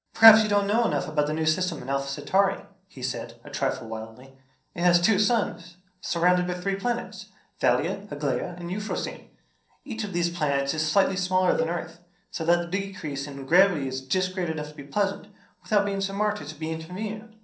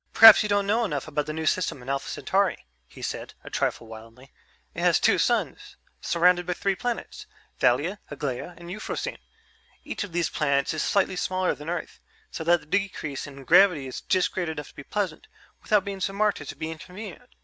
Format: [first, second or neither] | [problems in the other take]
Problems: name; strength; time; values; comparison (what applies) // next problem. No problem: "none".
second | noise reduction (neural separator model SepFormer DNS4)